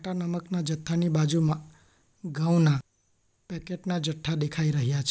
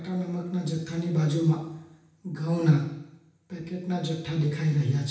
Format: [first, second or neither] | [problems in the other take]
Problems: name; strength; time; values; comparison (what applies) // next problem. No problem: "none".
first | room echo; dies away in 0.9 s